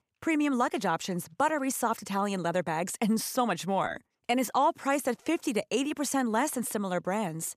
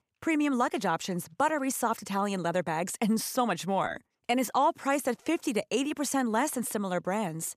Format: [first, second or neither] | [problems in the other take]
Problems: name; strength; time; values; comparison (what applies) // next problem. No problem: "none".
neither | none